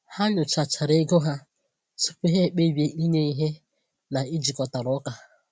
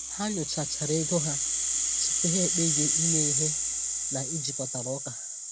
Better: first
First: none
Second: background sound (Rattle (instrument)); 5 dB above the speech

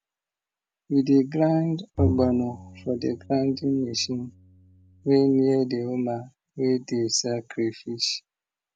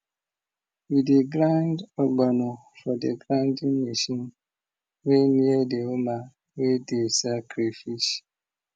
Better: second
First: background sound (Bowed string instrument); 9 dB below the speech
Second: none

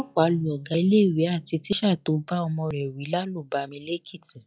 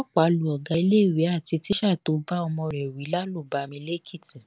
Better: second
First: noise reduction (classical method log-MMSE)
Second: none

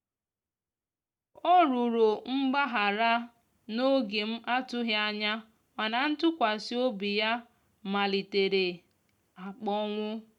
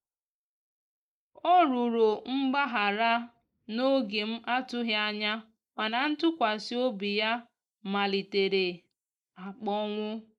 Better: first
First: none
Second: noise reduction (neural mask model Resemble Enhance denoiser)

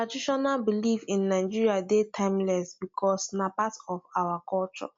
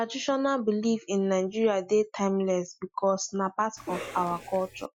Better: first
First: none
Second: noise reduction (classical method Wiener filter)

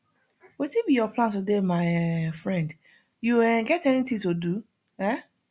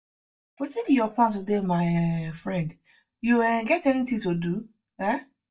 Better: first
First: none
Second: noise reduction (neural mask model DeepFilterNet 3)

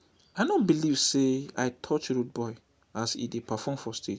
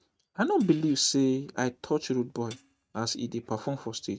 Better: first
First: none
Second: noise reduction (neural mask model RNNoise)

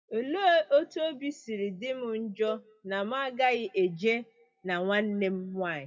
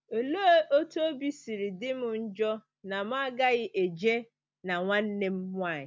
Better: second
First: noise reduction (classical method WPE with log-MMSE)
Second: none

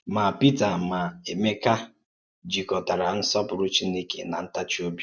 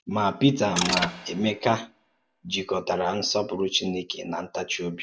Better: first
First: none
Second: background sound (Mechanisms); 5 dB below the speech

